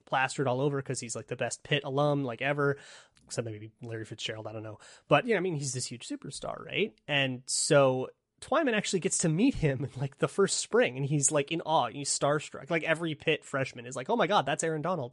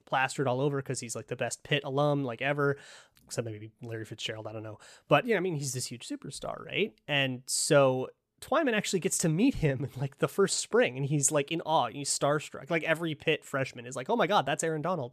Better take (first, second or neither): second